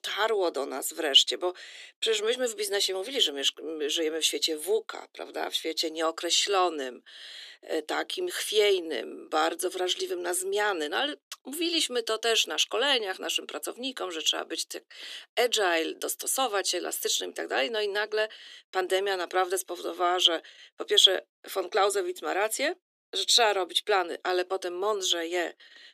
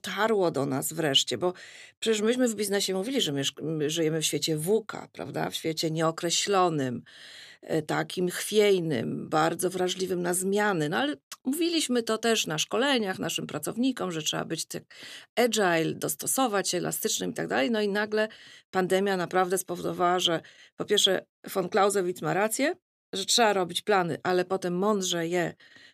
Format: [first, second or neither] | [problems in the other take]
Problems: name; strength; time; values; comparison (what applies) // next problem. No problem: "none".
second | thin; somewhat; fading below 300 Hz